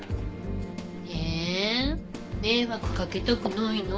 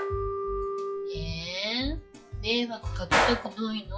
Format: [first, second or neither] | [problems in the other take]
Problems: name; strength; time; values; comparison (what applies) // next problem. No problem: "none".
first | noise reduction (classical method log-MMSE)